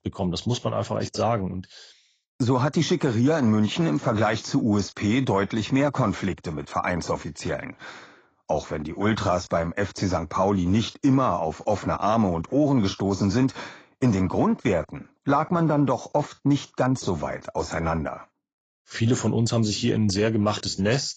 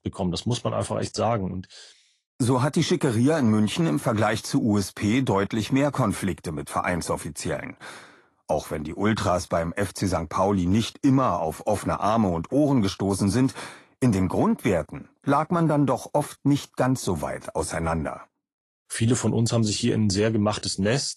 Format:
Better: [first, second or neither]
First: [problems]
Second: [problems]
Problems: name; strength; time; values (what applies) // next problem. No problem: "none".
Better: second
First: garbled, watery; badly; nothing above 7.5 kHz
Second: garbled, watery; slightly; nothing above 11.5 kHz